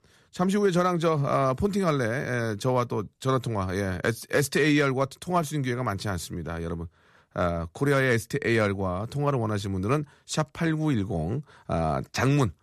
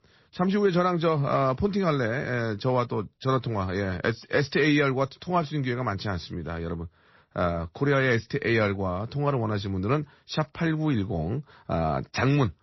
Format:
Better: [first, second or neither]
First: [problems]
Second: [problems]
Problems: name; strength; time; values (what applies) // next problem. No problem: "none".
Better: first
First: none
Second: garbled, watery; slightly; nothing above 5.5 kHz